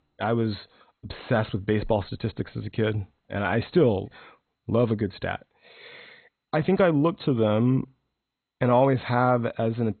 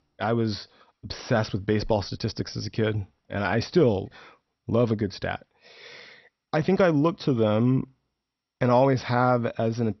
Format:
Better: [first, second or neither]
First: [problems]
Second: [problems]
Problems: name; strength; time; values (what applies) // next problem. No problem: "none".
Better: second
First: garbled, watery; badly; nothing above 4 kHz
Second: garbled, watery; slightly; nothing above 6 kHz